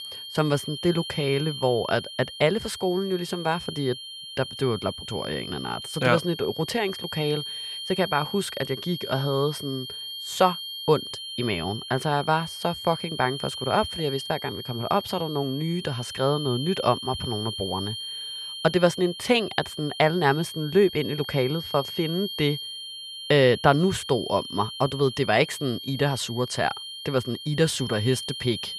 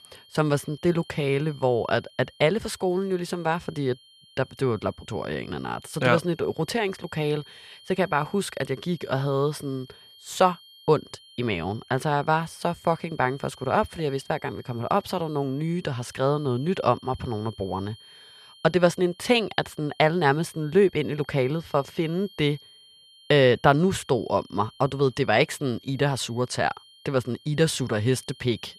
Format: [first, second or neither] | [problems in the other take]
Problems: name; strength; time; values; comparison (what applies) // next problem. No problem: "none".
second | high-pitched whine; loud; throughout; 3 kHz, 8 dB below the speech; faint in the second